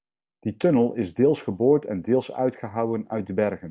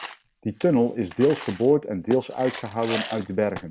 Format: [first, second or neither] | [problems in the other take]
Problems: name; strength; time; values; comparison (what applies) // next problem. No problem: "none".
first | background sound (Coin (dropping)); 14 dB below the speech